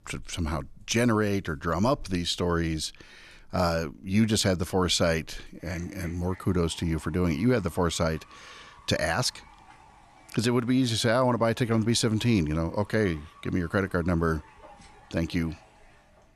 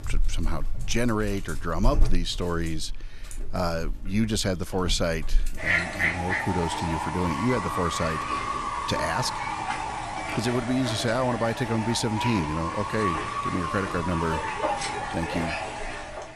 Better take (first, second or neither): first